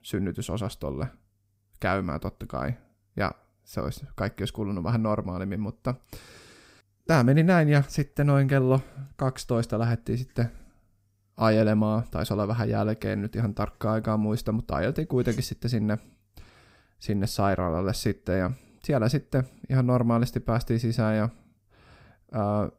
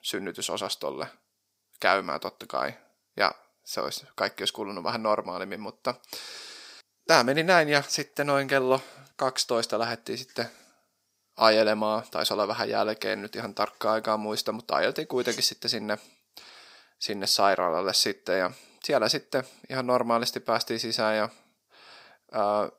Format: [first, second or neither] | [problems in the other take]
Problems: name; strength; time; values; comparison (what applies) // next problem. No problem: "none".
first | thin; very; fading below 450 Hz